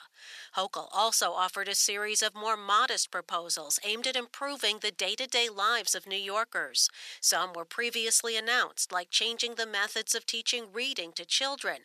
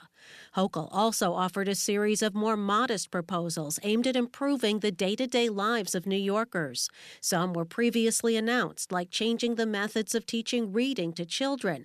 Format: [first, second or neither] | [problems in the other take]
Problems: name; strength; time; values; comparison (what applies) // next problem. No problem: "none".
second | thin; very; fading below 850 Hz